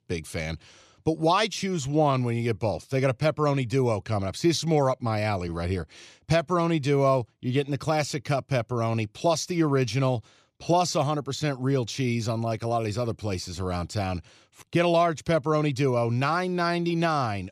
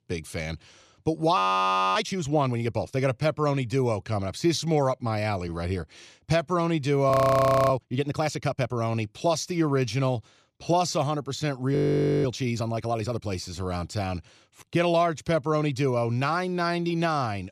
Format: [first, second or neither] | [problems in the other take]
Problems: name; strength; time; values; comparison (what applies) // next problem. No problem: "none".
first | audio freezing; at 1.5 s for 0.5 s, at 7 s for 0.5 s and at 12 s